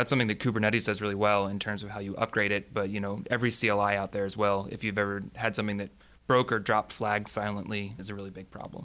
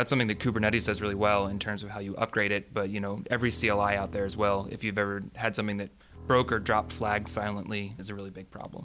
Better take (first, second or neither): first